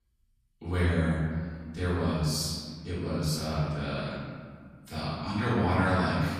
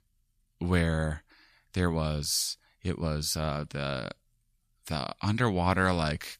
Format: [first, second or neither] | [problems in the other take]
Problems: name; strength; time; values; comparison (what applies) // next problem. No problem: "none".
second | room echo; strong; dies away in 1.8 s // off-mic speech; far